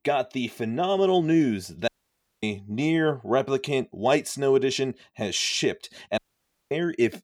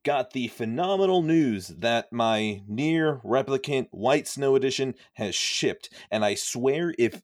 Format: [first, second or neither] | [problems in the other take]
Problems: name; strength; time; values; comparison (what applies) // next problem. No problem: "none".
second | audio cutting out; at 2 s for 0.5 s and at 6 s for 0.5 s